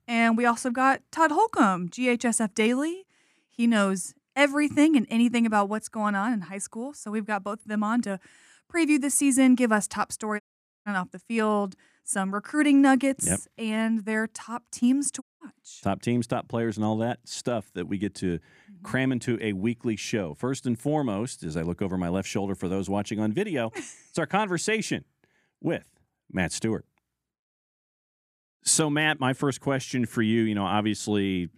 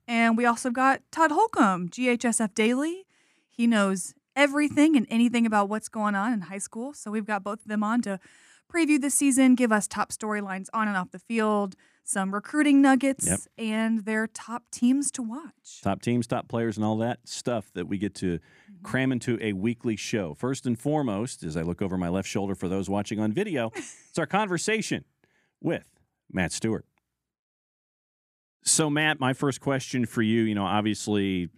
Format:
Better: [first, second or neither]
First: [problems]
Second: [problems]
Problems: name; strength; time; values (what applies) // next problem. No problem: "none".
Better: second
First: audio cutting out; at 10 s and at 15 s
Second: none